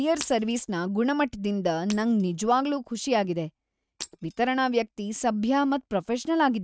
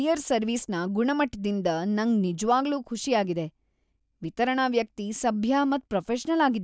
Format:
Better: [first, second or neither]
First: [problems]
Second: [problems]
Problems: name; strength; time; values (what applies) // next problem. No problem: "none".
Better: second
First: noise reduction (neural mask model RNNoise)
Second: none